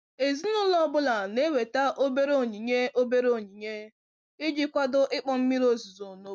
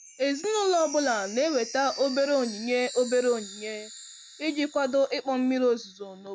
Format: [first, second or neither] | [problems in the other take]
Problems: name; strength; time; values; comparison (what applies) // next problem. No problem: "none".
first | background sound (Chime); 15 dB below the speech